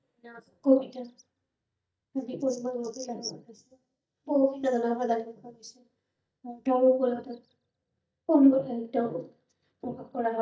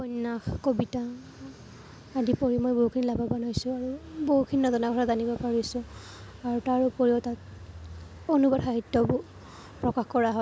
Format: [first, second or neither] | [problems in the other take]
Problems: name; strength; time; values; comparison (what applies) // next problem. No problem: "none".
second | noise reduction (neural mask model DeepFilterNet 3)